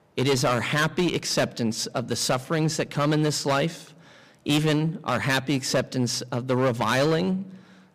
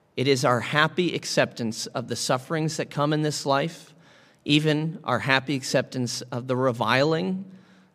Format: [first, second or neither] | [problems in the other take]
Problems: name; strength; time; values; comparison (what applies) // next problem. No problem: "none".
second | distortion; heavy; 12% of the sound clipped